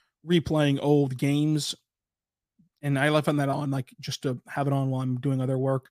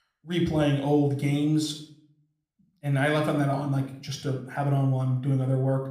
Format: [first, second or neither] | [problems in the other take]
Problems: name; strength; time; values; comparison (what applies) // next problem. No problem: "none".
first | room echo; slight; dies away in 0.5 s